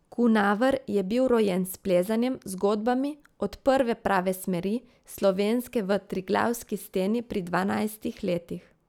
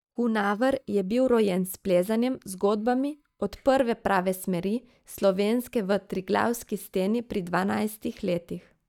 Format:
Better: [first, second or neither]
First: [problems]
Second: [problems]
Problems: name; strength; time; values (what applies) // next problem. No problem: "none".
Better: first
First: none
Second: noise reduction (neural mask model DeepFilterNet 3)